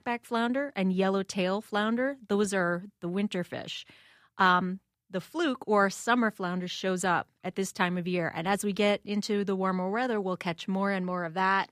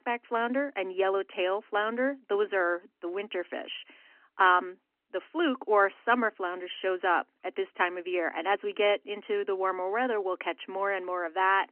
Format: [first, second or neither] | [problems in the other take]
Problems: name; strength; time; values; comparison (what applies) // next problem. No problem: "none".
first | phone-call audio; nothing above 3 kHz